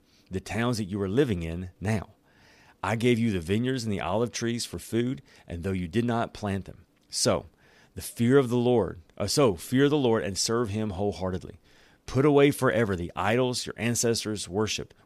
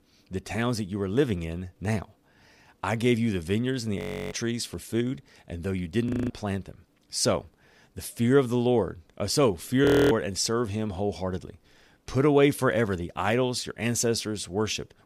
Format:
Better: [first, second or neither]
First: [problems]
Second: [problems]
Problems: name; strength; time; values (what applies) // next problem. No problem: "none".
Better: first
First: none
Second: audio freezing; at 4 s, at 6 s and at 10 s